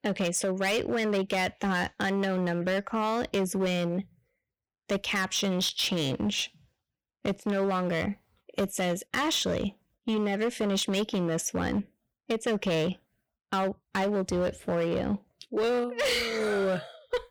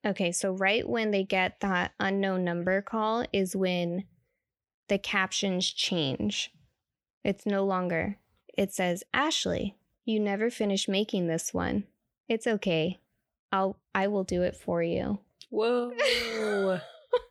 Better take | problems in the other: second | distortion; slight; 13% of the sound clipped

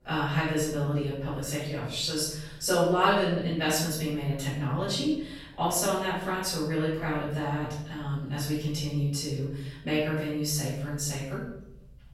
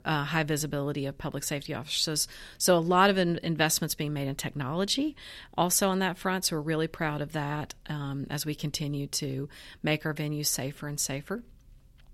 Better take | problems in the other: second | room echo; noticeable; dies away in 0.9 s // off-mic speech; far

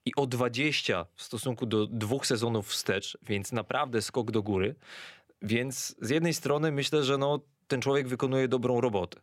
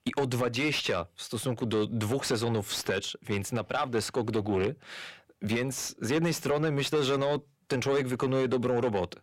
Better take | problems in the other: first | distortion; slight; 10 dB below the speech

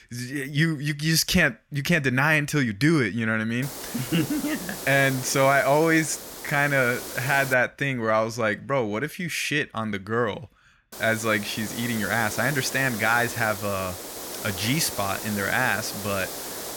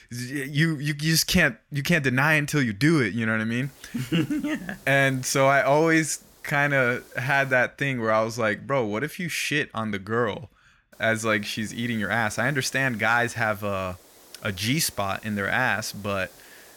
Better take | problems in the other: second | hiss; loud; from 3.5 to 7.5 s and from 11 s on; 10 dB below the speech; faint in the second

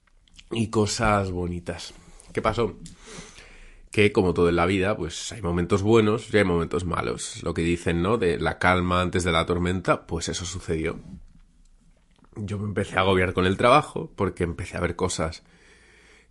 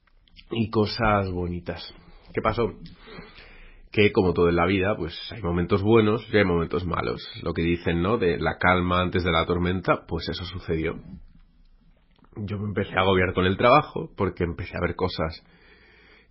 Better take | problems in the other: first | garbled, watery; badly; nothing above 5.5 kHz; slightly in the first

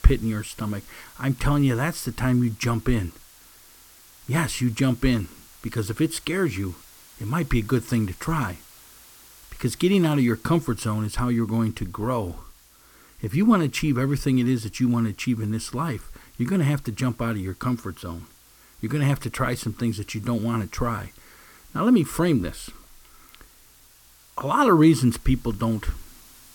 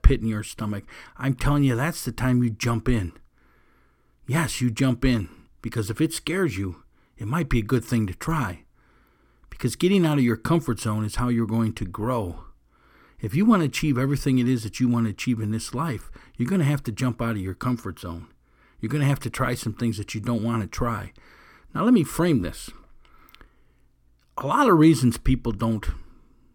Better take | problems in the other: second | hiss; faint; throughout; 25 dB below the speech

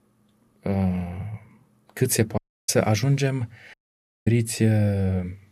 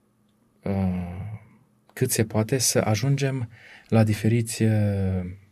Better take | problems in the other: second | audio cutting out; at 2.5 s and at 3.5 s for 0.5 s

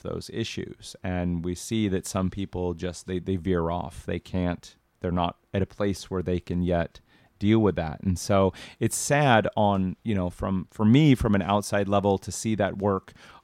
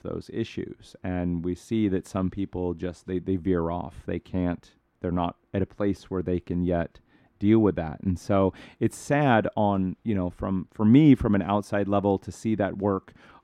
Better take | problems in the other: first | muffled; slightly; fading above 3.5 kHz

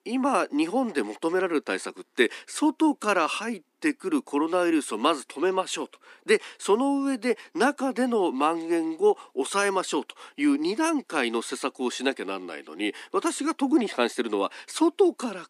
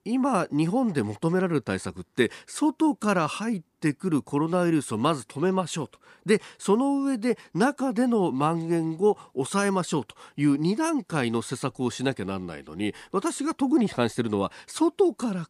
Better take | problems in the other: second | thin; very slightly; fading below 250 Hz

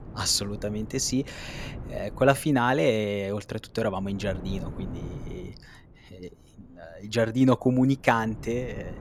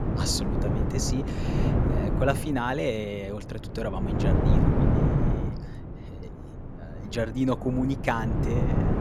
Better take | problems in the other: first | wind noise on the microphone; heavy; 2 dB below the speech; occasional gusts in the first

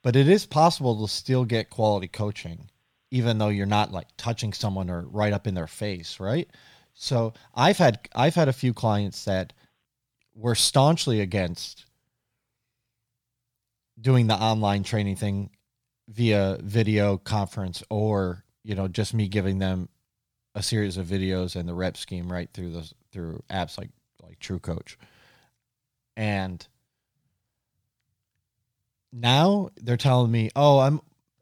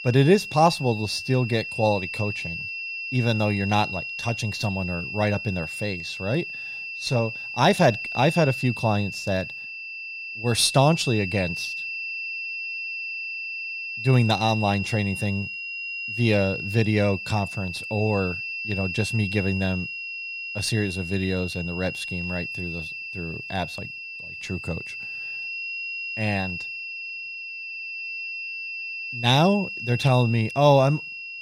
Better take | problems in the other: first | high-pitched whine; loud; throughout; 2.5 kHz, 7 dB below the speech

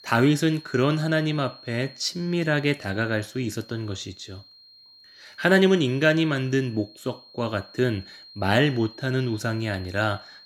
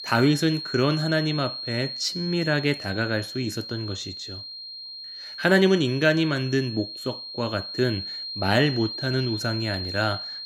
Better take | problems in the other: first | high-pitched whine; loud; throughout; 4 kHz, 8 dB below the speech; faint in the first

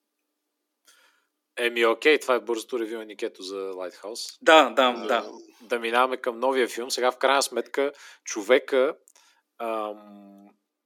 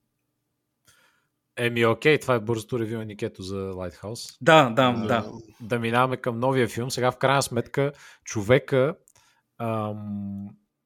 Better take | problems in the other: second | thin; somewhat; fading below 300 Hz

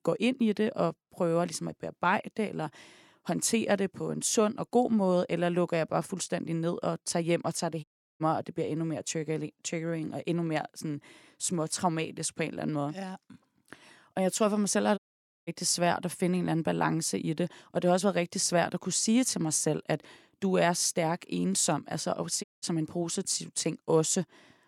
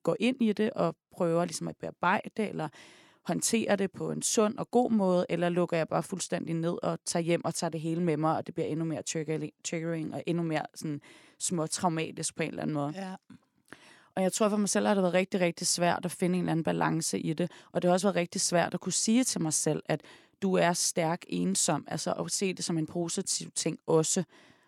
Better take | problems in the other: second | audio cutting out; at 8 s, at 15 s and at 22 s

